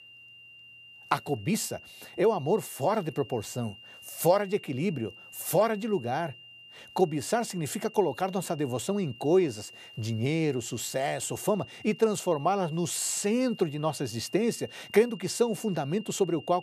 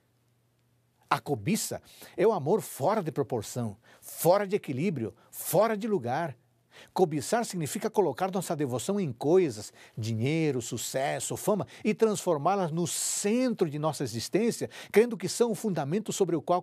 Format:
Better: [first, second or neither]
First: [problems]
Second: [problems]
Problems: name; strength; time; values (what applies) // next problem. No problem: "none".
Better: second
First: high-pitched whine; noticeable; throughout; 3 kHz, 20 dB below the speech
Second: none